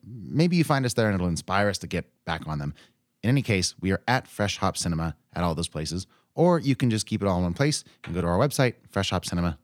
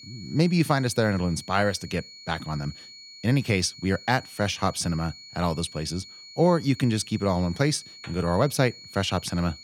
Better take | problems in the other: first | high-pitched whine; noticeable; throughout; 4.5 kHz, 15 dB below the speech

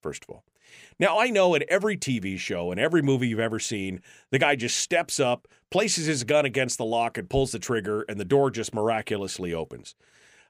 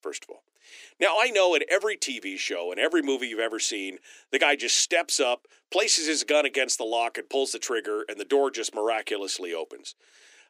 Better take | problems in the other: first | thin; somewhat; fading below 300 Hz

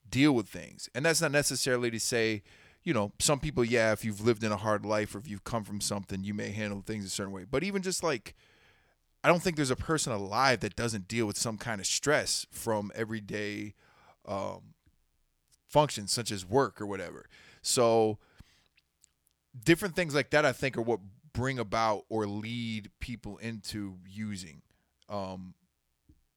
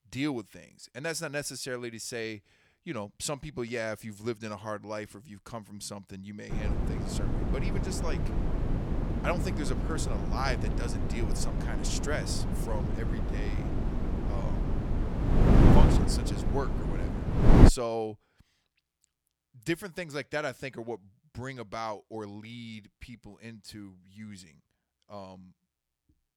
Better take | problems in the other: first | wind noise on the microphone; heavy; from 6.5 to 18 s; 1 dB above the speech

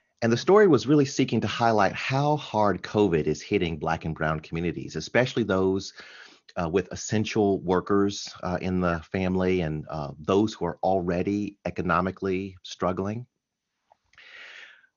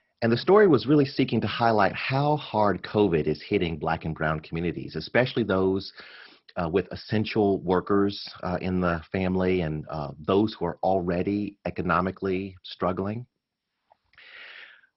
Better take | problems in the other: first | garbled, watery; badly; nothing above 5.5 kHz; slightly in the first

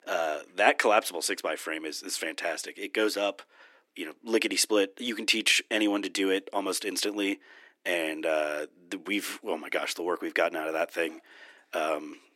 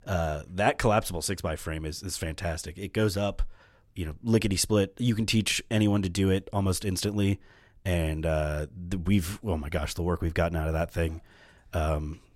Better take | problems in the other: second | thin; somewhat; fading below 300 Hz

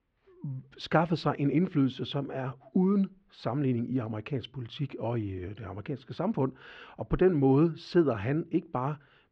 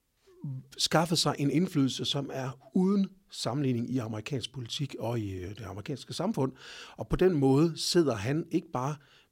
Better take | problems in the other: second | muffled; very; fading above 2.5 kHz

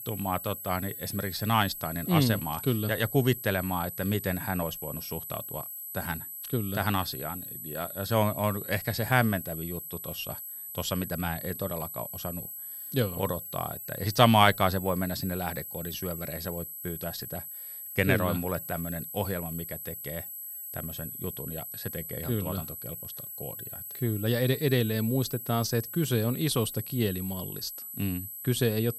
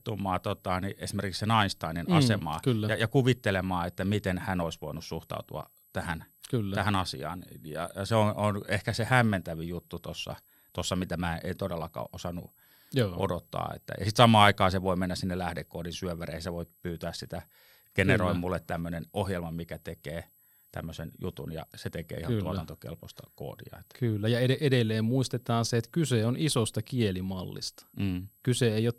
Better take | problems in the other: second | high-pitched whine; loud; throughout; 12 kHz, 7 dB below the speech; faint in the second

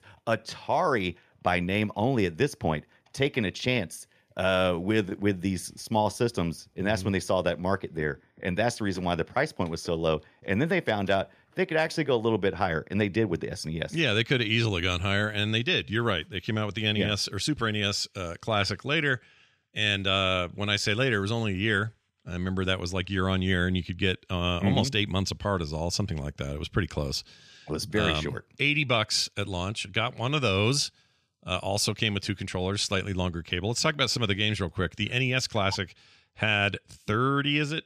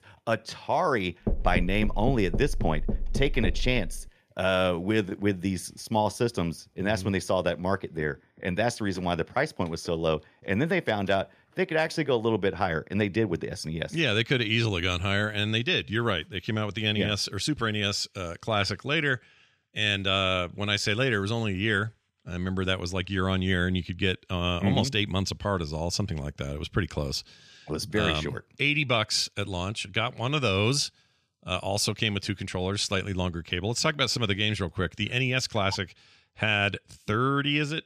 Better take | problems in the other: first | door banging; noticeable; from 1.5 to 4 s; peak 3 dB below the speech

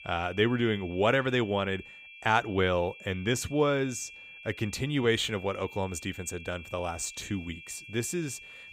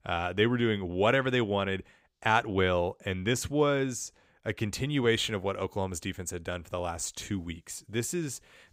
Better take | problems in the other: second | high-pitched whine; noticeable; throughout; 2.5 kHz, 15 dB below the speech

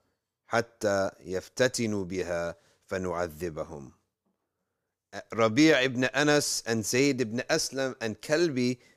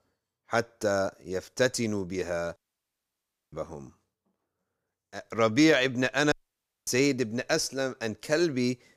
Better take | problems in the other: first | audio cutting out; at 2.5 s for 1 s and at 6.5 s for 0.5 s

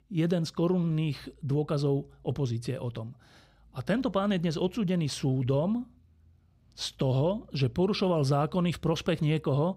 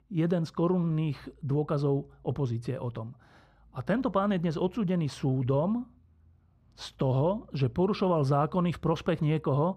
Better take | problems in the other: first | muffled; slightly; fading above 2.5 kHz

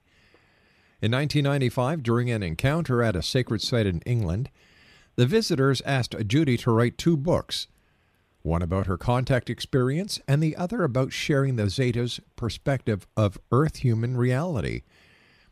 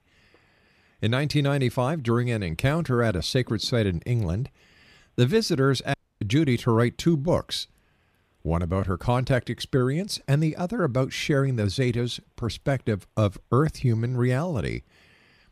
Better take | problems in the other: first | audio cutting out; at 6 s

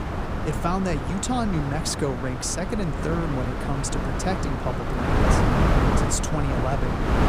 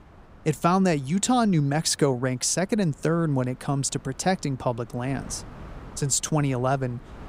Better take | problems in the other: second | wind noise on the microphone; heavy; 2 dB above the speech; occasional gusts in the second

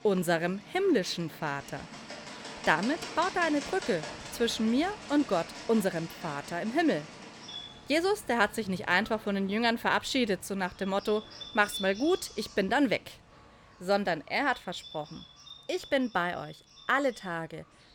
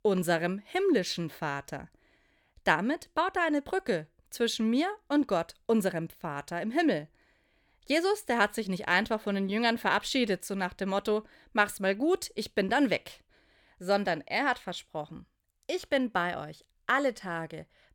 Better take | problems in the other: second | animal sounds; noticeable; throughout; 15 dB below the speech

